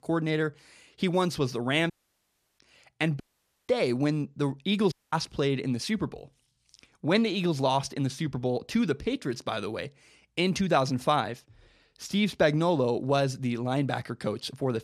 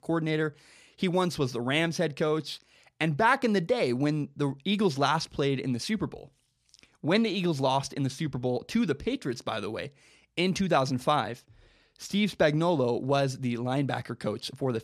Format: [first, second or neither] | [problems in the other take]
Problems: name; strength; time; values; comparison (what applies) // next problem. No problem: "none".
second | audio cutting out; at 2 s for 0.5 s, at 3 s and at 5 s